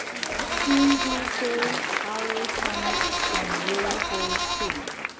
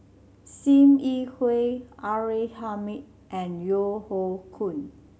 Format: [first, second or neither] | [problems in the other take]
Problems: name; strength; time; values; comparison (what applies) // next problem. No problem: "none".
second | background sound (Applause + Livestock, farm animals, working animals); 3 dB above the speech